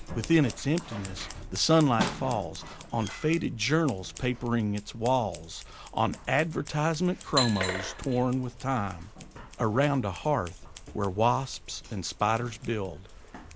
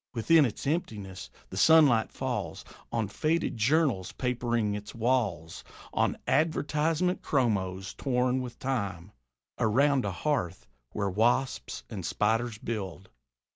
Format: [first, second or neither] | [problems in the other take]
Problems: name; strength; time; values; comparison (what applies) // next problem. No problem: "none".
second | background sound (Scissors); 11 dB below the speech